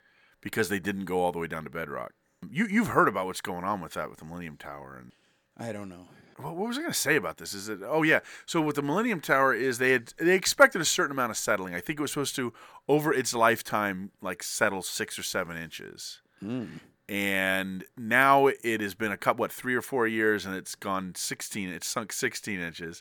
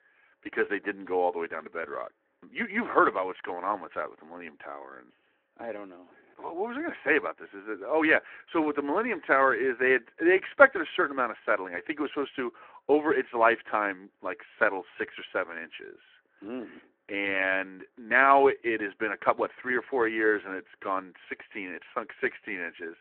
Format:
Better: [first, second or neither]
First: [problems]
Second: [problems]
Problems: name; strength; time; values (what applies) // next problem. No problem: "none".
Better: first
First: none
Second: phone-call audio